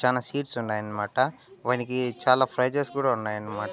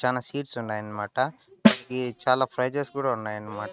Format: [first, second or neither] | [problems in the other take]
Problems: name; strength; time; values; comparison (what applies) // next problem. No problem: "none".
first | noise reduction (neural mask model RNNoise)